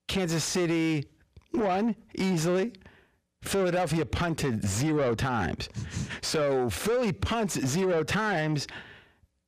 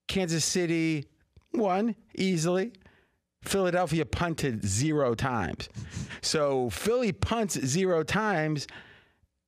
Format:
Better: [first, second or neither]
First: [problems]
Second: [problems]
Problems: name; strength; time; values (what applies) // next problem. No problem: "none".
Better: second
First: distortion; slight; 10 dB below the speech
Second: none